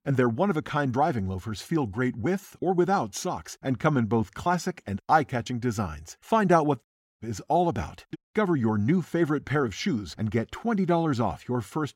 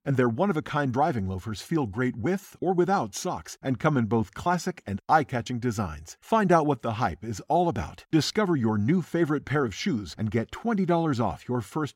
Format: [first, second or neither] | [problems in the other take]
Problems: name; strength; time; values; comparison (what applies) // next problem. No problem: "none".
second | audio cutting out; at 7 s and at 8 s